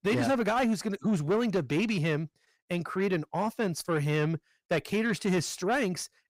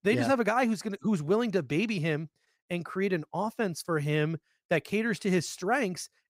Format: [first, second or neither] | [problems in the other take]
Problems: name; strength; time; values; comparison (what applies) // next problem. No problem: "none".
second | distortion; slight; 10 dB below the speech